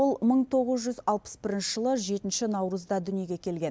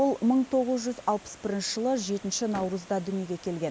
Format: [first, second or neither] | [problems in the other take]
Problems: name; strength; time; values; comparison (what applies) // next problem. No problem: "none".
first | background sound (Water + Slam); 20 dB below the speech